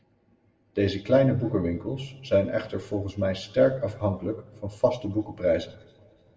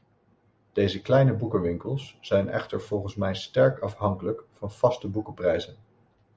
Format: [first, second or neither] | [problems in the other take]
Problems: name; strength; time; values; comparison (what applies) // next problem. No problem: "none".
second | room echo; dies away in 1.1 s